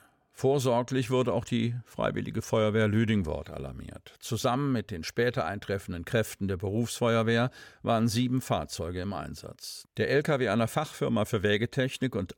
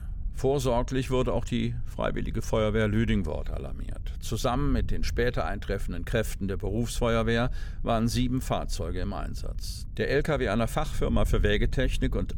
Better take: first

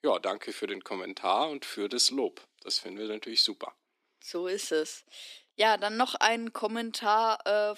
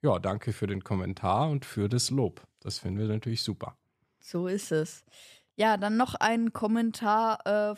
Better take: second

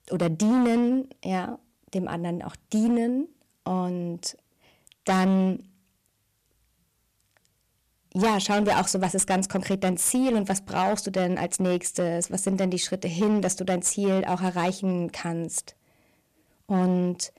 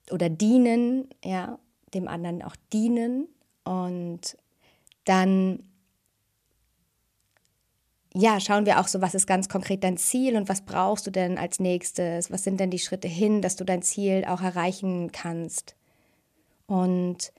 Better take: second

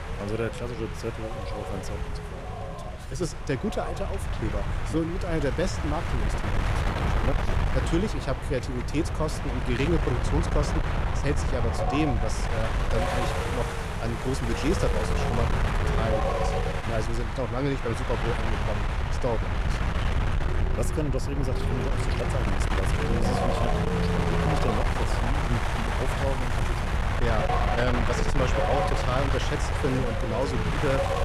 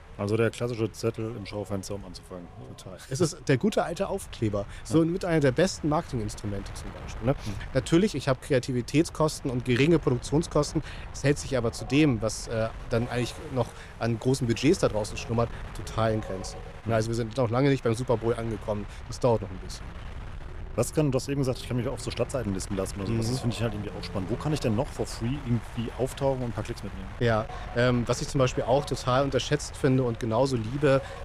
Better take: second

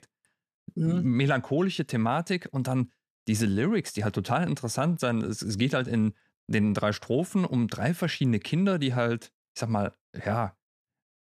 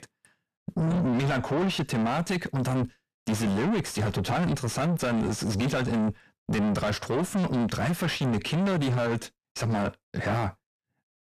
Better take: first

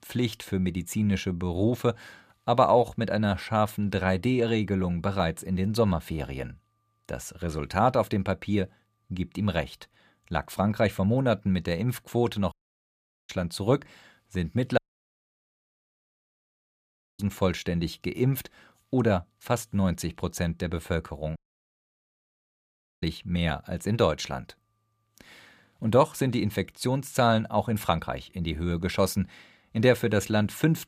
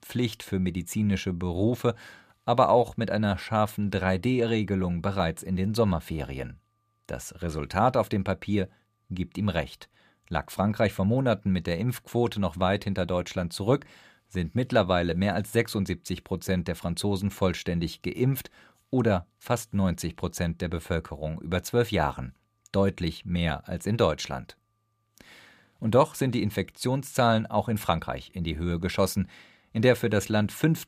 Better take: second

